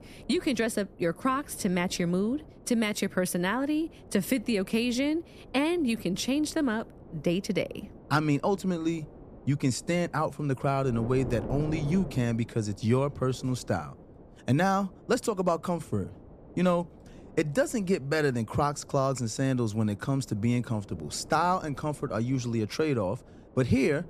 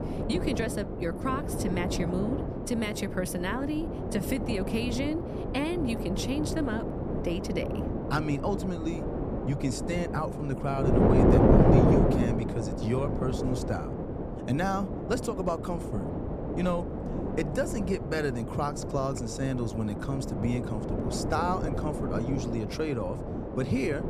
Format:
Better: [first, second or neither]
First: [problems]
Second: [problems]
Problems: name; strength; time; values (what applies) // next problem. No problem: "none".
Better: first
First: wind noise on the microphone; occasional gusts; 20 dB below the speech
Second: wind noise on the microphone; heavy; as loud as the speech